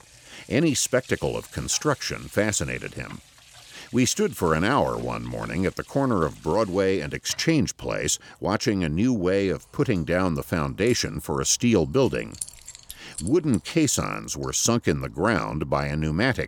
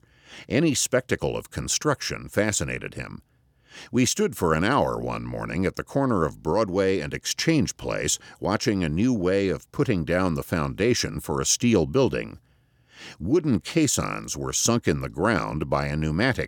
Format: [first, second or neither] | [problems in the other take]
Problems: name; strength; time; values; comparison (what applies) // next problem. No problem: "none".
second | household noises; faint; throughout; 20 dB below the speech